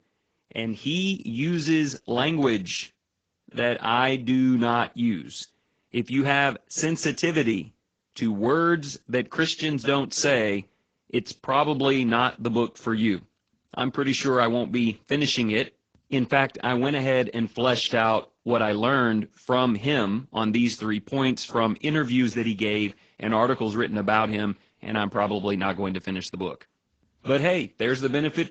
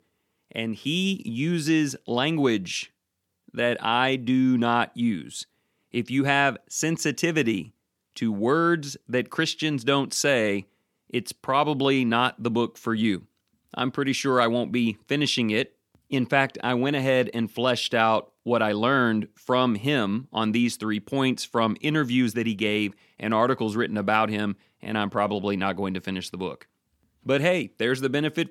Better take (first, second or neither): second